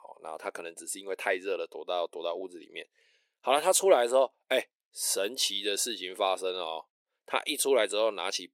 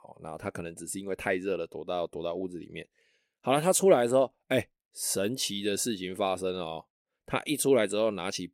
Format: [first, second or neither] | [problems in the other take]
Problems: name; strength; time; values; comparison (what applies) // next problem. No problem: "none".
second | thin; somewhat; fading below 400 Hz